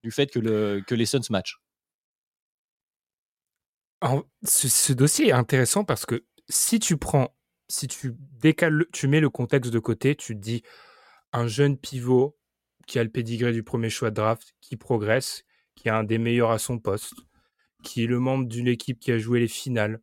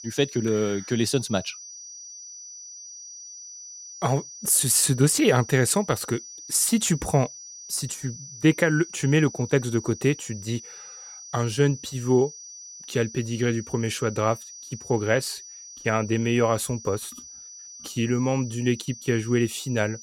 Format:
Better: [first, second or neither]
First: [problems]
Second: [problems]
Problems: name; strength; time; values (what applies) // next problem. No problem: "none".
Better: first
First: none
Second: high-pitched whine; noticeable; throughout; 6 kHz, 15 dB below the speech